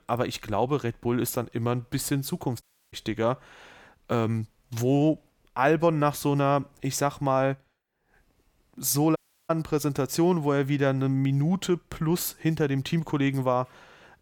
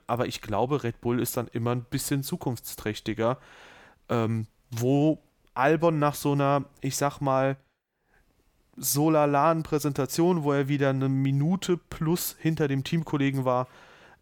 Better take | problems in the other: second | audio cutting out; at 2.5 s and at 9 s

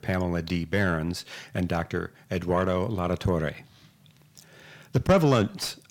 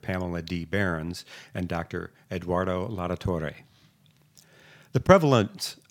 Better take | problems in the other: second | distortion; heavy; 8 dB below the speech

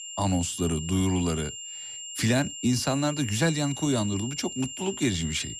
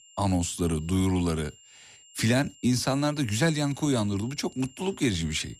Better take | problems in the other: second | high-pitched whine; loud; throughout; 3 kHz, 9 dB below the speech; faint in the second

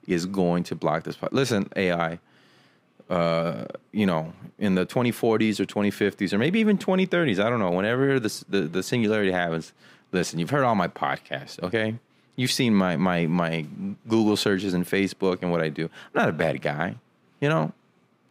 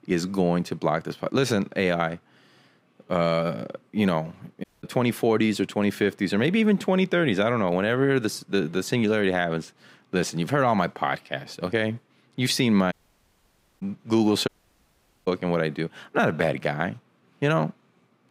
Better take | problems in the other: first | audio cutting out; at 4.5 s, at 13 s for 1 s and at 14 s for 1 s

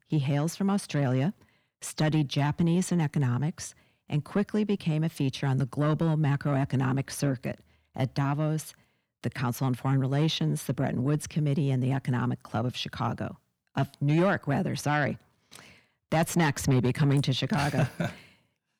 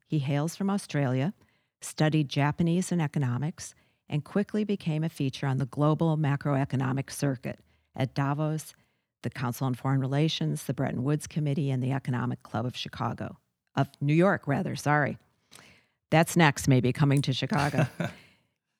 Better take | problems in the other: second | distortion; slight; 10 dB below the speech

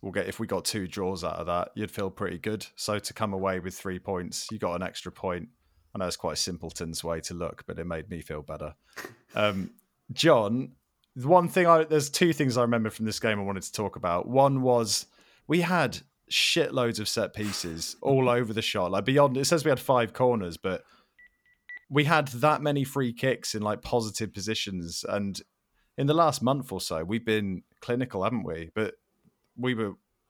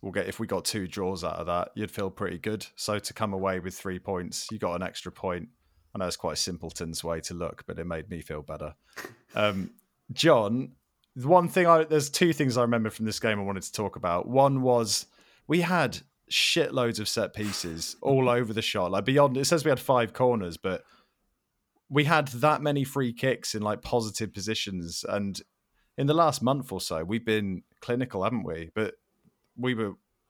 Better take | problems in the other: second | phone ringing; faint; at 21 s; peak 15 dB below the speech

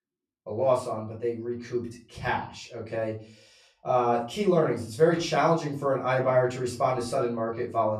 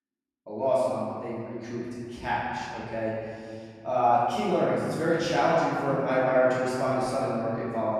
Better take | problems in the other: first | room echo; strong; dies away in 2.3 s; slight in the first // off-mic speech; far; far in the first

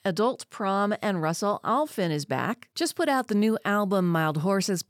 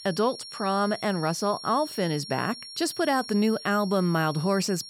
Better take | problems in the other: first | high-pitched whine; noticeable; throughout; 5.5 kHz, 10 dB below the speech

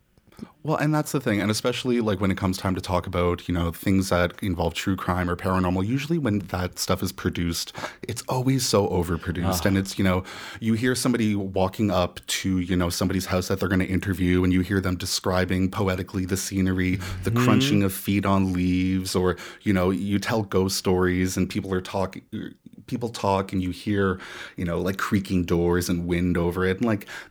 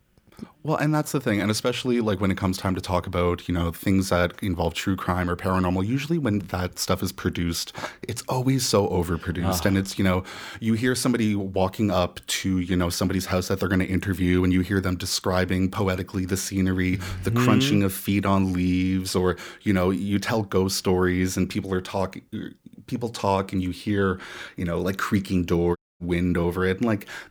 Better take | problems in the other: first | audio cutting out; at 26 s

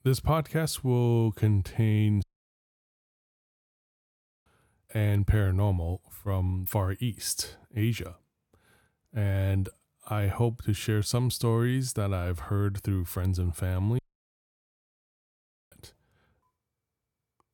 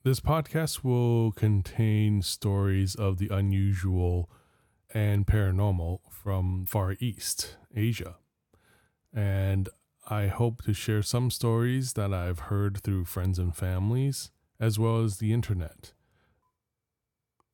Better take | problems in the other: second | audio cutting out; at 2 s for 2 s and at 14 s for 1.5 s

